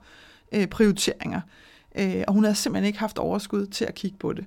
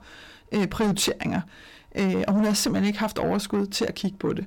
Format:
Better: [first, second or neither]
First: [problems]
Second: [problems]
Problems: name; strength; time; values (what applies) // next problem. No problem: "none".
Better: first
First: none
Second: distortion; heavy; 7 dB below the speech